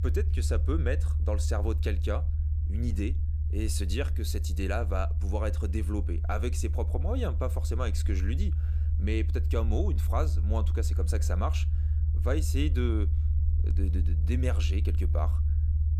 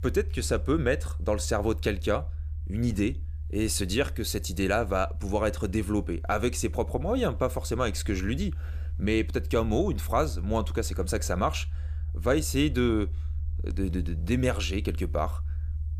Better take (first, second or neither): second